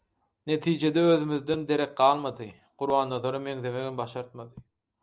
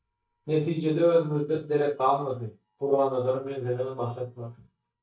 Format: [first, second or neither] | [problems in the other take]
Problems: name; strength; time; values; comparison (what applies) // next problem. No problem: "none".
first | noise reduction (neural mask model DeepFilterNet 3)